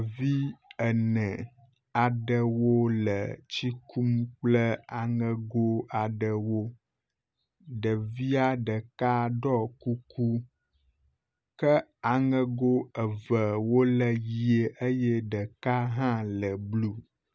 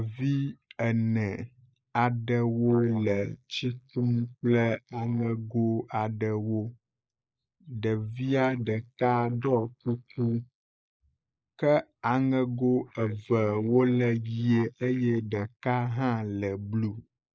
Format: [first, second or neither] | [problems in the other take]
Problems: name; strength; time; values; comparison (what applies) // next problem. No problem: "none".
first | noise reduction (neural mask model Resemble Enhance denoiser)